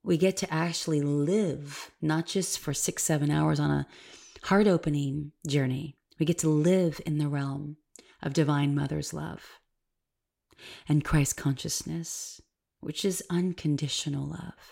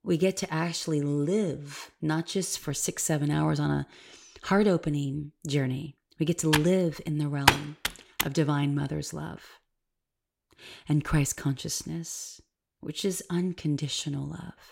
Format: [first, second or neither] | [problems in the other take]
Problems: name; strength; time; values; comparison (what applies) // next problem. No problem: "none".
first | keyboard typing; loud; from 6.5 to 8 s; peak 6 dB above the speech